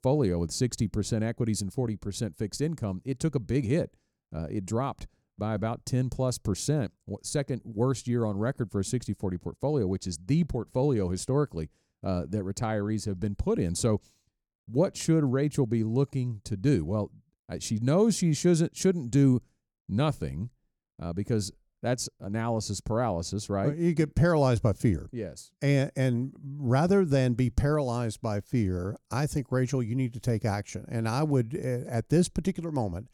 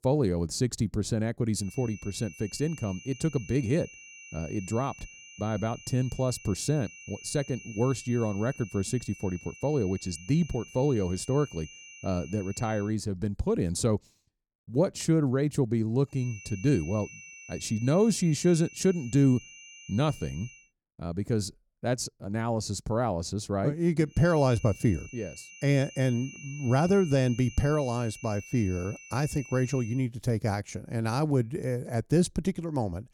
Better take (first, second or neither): first